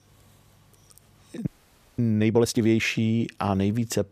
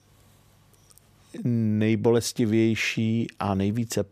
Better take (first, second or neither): second